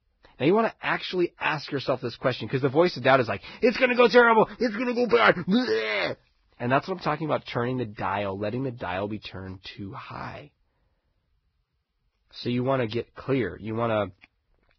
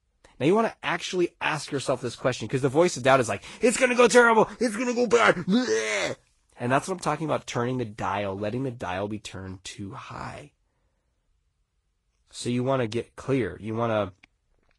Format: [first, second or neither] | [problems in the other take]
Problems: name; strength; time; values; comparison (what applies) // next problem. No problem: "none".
second | garbled, watery; badly; nothing above 5.5 kHz; slightly in the second